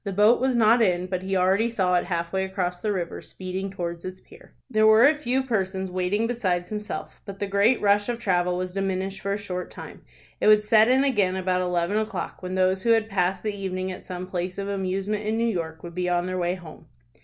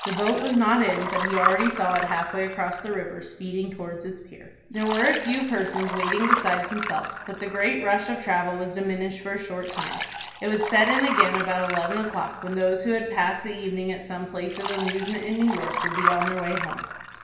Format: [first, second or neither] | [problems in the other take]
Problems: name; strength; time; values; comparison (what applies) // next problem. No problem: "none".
first | background sound (Liquid); 5 dB below the speech // room echo; dies away in 1.1 s